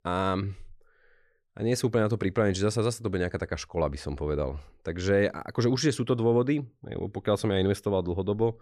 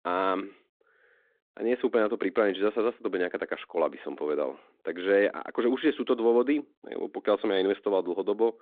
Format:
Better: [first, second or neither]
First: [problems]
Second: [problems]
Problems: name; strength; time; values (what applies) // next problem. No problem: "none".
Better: first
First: none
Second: phone-call audio